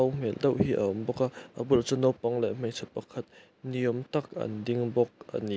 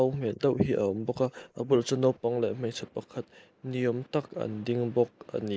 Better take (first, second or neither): first